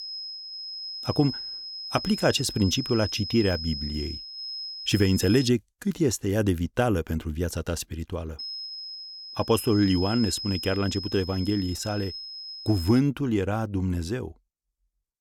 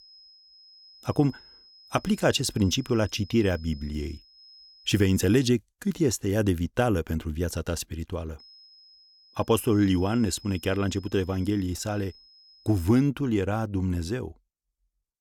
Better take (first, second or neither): second